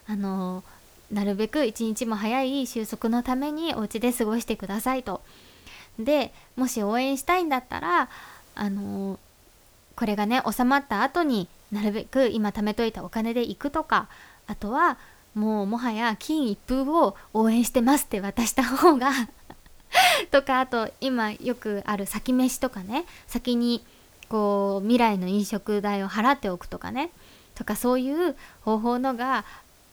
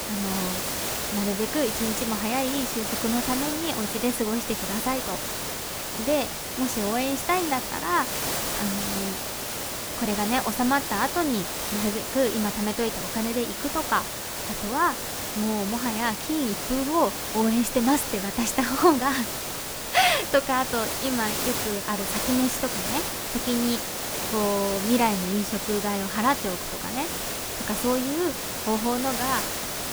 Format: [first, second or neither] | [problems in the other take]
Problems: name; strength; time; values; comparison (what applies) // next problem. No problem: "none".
first | hiss; loud; throughout; 2 dB below the speech; faint in the first